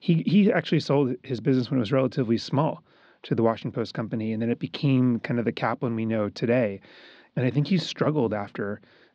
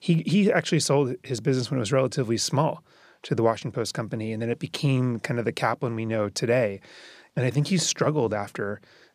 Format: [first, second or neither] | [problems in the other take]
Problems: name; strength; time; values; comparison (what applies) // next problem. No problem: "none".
second | muffled; slightly; fading above 4 kHz